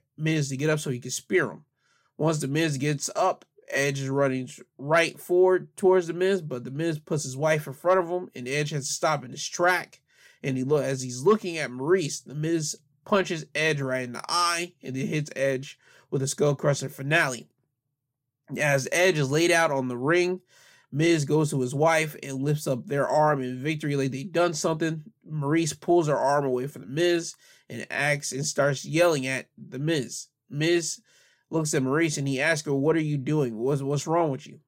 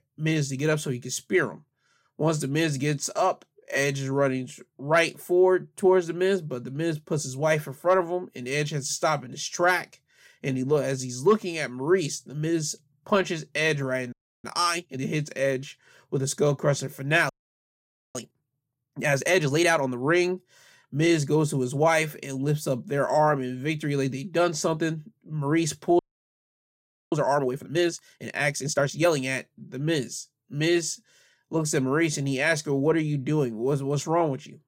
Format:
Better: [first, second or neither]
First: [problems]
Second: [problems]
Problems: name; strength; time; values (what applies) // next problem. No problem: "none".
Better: first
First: none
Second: audio freezing; at 14 s, at 17 s for 1 s and at 26 s for 1 s